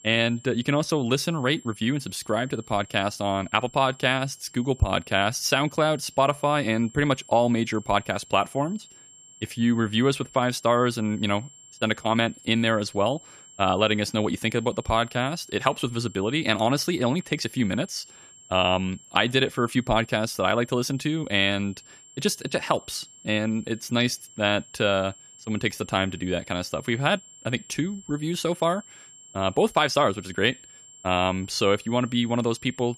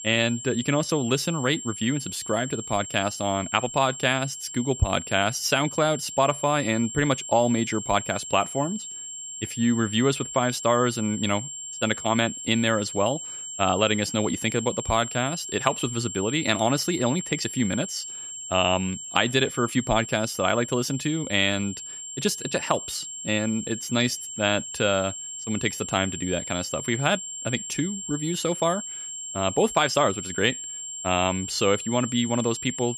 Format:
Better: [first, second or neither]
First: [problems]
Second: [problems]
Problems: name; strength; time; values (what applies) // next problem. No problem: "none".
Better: first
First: high-pitched whine; faint; throughout; 7.5 kHz, 20 dB below the speech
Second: high-pitched whine; loud; throughout; 7.5 kHz, 8 dB below the speech